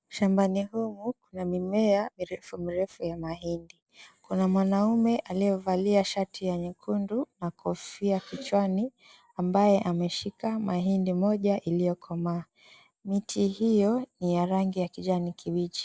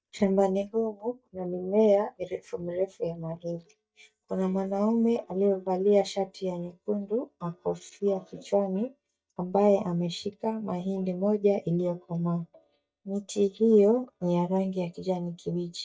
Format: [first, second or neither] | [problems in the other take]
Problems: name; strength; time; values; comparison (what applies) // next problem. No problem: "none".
first | noise reduction (neural mask model DeepFilterNet 3)